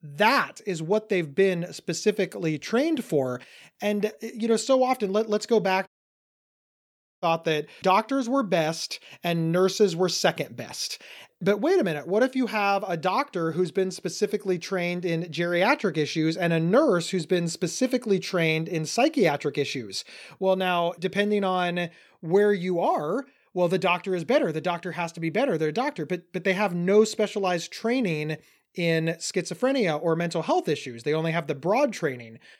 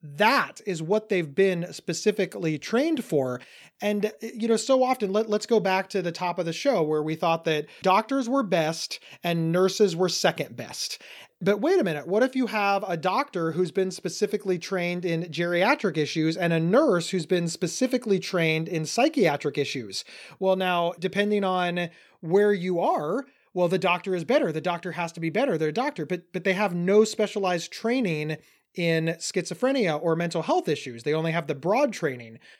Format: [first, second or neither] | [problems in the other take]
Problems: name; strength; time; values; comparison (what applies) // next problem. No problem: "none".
second | audio cutting out; at 6 s for 1.5 s